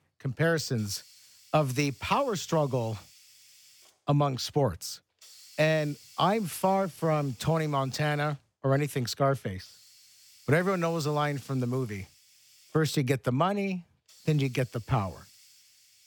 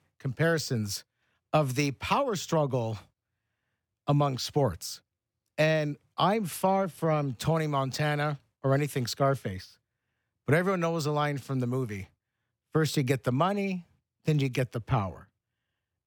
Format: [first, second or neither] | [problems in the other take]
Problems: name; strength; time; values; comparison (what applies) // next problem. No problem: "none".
second | hiss; faint; throughout; 25 dB below the speech